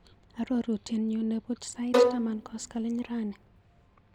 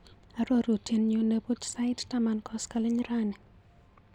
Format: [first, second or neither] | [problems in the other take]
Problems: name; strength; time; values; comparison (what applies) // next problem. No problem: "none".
second | background sound (Bowed string instrument); 4 dB above the speech